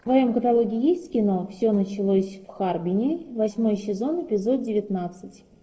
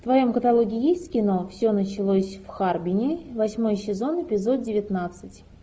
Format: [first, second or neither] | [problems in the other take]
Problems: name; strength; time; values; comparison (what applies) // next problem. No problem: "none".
second | noise reduction (neural separator model SepFormer DNS4)